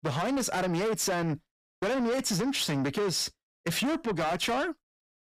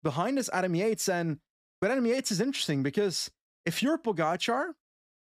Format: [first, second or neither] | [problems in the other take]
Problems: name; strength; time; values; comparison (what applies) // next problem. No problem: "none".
second | distortion; heavy; 7 dB below the speech